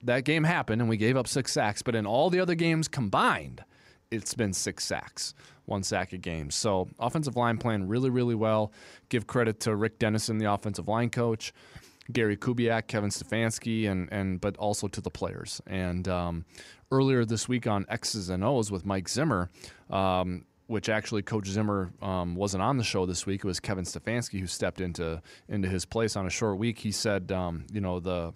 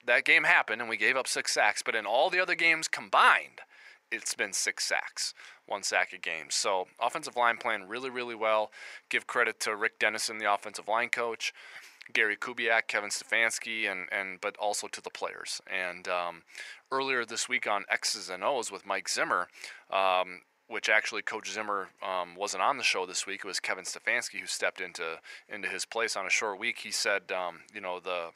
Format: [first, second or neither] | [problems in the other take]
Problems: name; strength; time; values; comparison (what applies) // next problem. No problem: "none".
first | thin; very; fading below 700 Hz